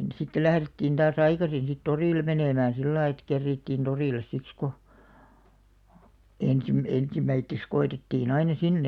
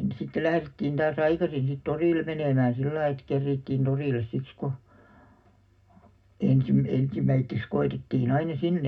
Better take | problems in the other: first | room echo; dies away in 0.2 s

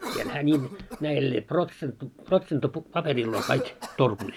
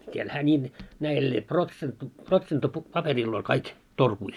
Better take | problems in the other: second | background sound (Cough); 13 dB below the speech

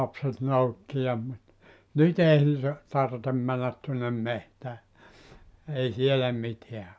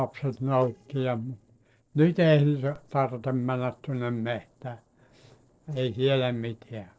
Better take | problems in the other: first | noise reduction (neural separator model SepFormer DNS4)

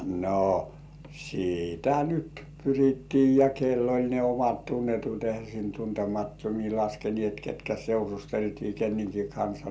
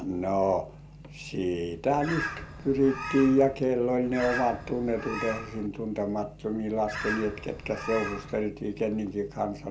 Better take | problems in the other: first | background sound (Bird); 9 dB below the speech

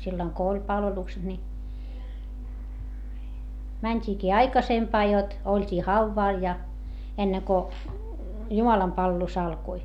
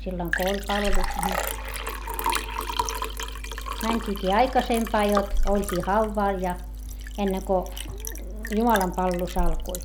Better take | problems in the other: first | background sound (Liquid); 3 dB below the speech

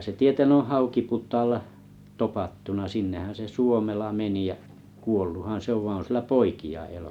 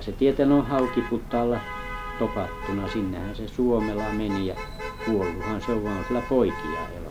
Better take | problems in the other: first | background sound (Church bell + Motor vehicle (road)); 8 dB below the speech

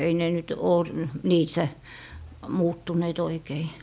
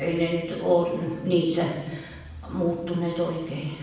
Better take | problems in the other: first | room echo; dies away in 1.1 s

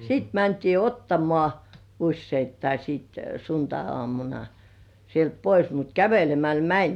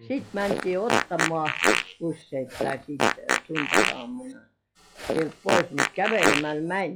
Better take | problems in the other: first | noise reduction (classical method log-MMSE)

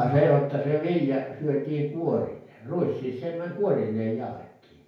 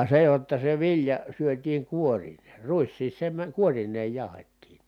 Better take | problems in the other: second | room echo; dies away in 0.5 s

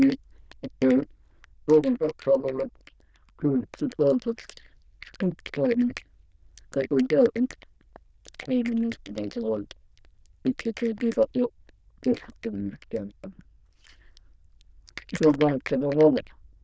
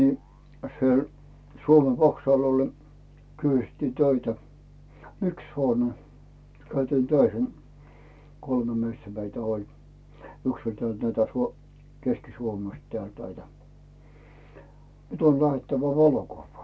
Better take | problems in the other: second | noise reduction (neural diffusion model UNIVERSE++)

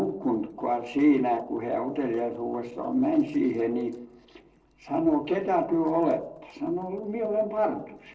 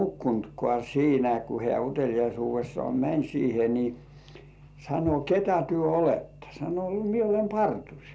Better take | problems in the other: second | noise reduction (neural separator model SepFormer DNS4)

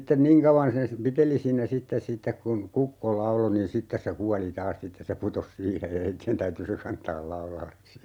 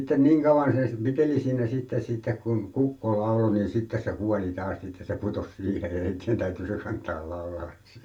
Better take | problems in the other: first | room echo; dies away in 0.2 s

